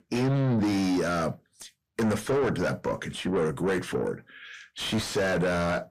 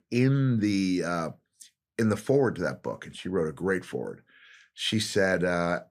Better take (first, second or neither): second